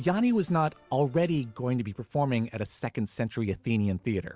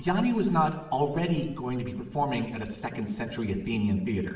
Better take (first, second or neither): first